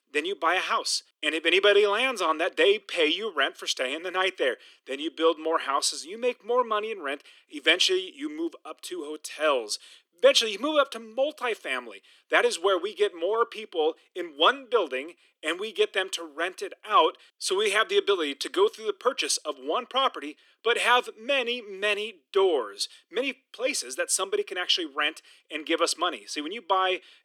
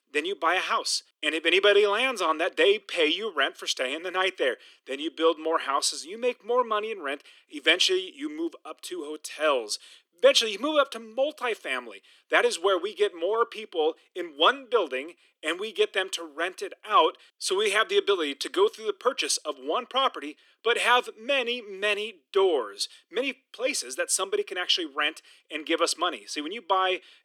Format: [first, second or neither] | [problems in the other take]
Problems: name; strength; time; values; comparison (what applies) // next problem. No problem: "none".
neither | thin; very; fading below 300 Hz; the same in both